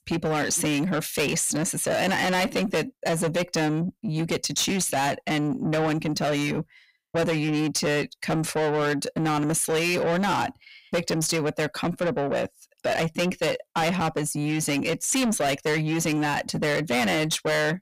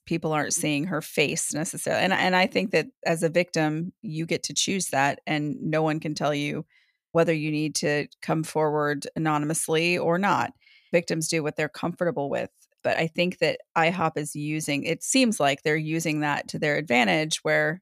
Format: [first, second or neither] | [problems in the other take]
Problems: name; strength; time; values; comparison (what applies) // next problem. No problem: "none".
second | distortion; heavy; 7 dB below the speech